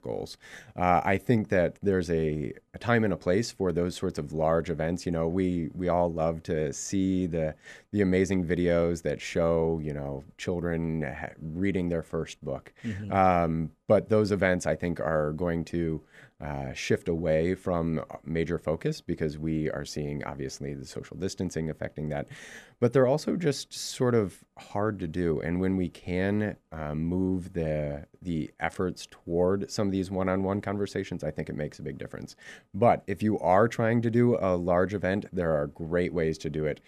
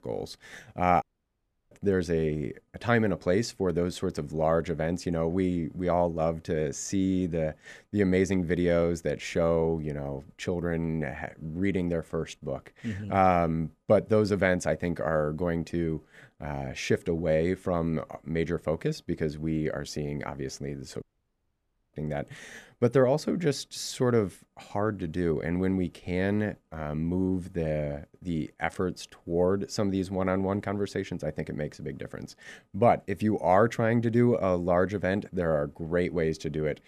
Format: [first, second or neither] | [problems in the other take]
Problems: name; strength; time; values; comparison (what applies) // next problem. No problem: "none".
first | audio cutting out; at 1 s for 0.5 s and at 21 s for 1 s